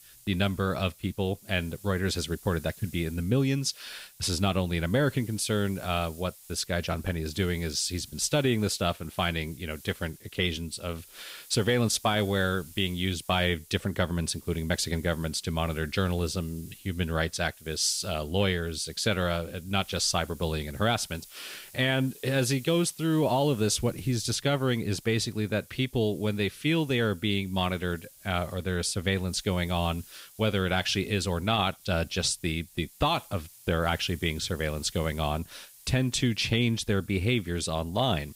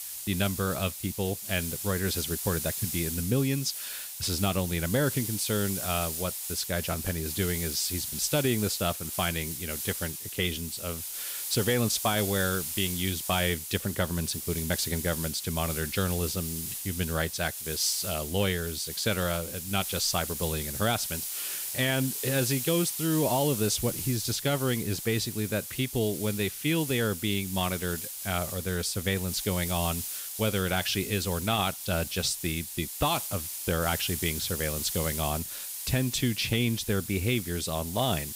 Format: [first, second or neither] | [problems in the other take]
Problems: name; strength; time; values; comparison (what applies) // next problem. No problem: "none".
first | hiss; loud; throughout; 4 dB below the speech; faint in the first